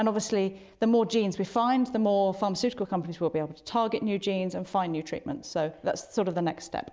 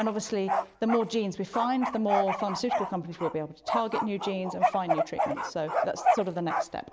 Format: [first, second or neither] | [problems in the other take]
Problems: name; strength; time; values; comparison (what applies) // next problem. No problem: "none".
first | background sound (Bark); 1 dB below the speech